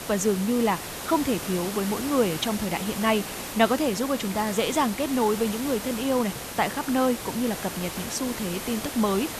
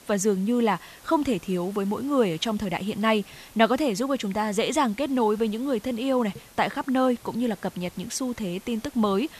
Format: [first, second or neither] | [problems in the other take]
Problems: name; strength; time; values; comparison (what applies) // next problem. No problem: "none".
second | hiss; loud; throughout; 7 dB below the speech; faint in the second